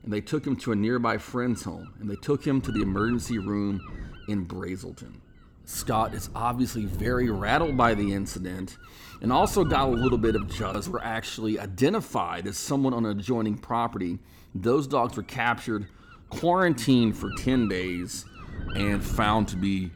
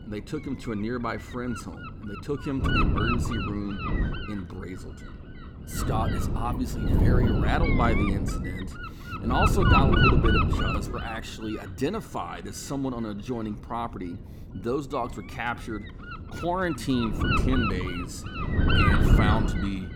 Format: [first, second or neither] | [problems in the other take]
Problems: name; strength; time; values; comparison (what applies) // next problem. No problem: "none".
first | wind noise on the microphone; heavy; 3 dB above the speech; occasional gusts in the first